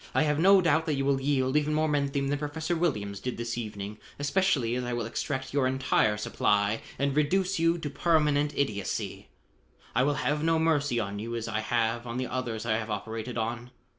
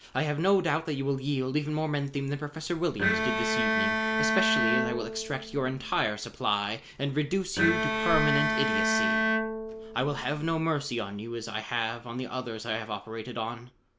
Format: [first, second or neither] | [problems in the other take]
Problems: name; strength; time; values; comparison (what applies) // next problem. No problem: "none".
first | background sound (Bowed string instrument); 2 dB above the speech